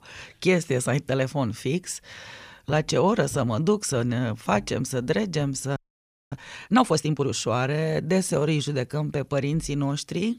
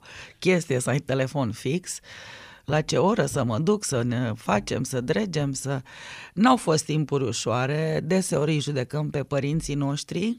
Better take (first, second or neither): second